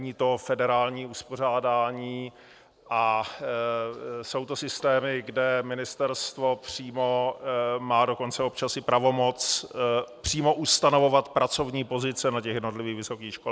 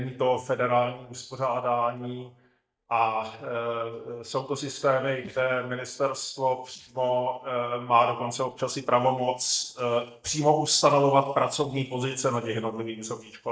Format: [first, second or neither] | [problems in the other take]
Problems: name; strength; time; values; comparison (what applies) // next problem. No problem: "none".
first | noise reduction (neural mask model DeepFilterNet 3)